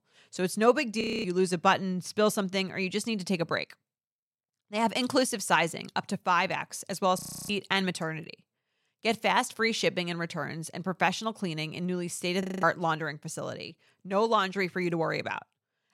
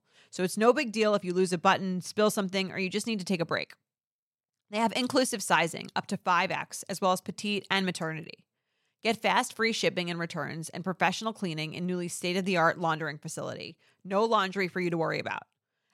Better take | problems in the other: second | audio freezing; at 1 s, at 7 s and at 12 s

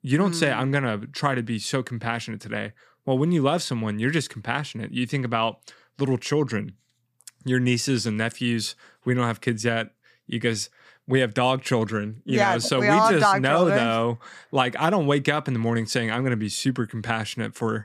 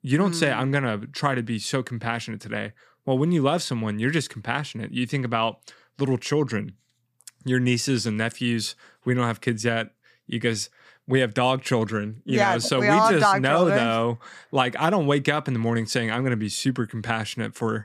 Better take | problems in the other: neither | none

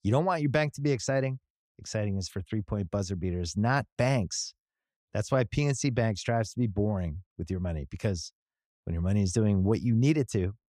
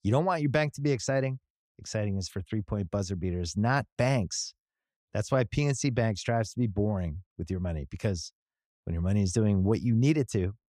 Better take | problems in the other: neither | none

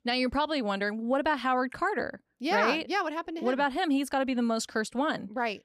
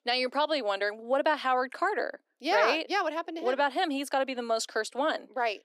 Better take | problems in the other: first | thin; somewhat; fading below 300 Hz

